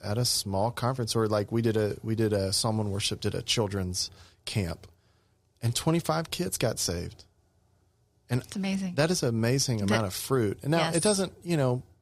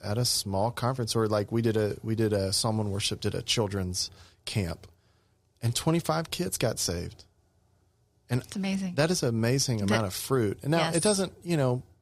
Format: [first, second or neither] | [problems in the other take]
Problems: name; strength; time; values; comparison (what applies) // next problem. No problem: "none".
neither | none